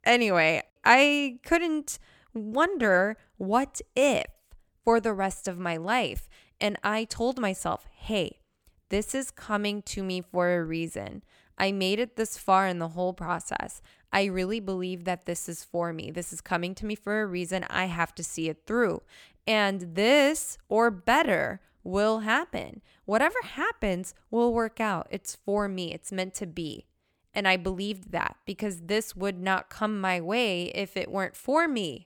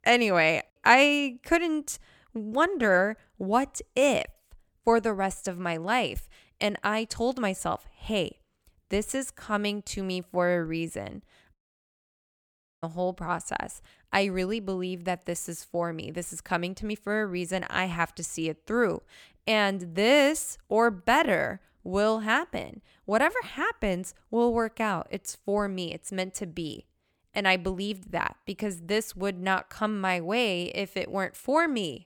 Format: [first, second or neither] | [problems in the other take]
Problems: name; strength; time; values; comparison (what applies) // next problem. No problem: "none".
first | audio cutting out; at 12 s for 1.5 s